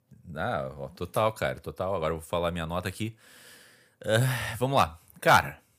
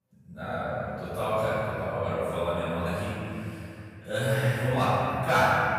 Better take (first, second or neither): first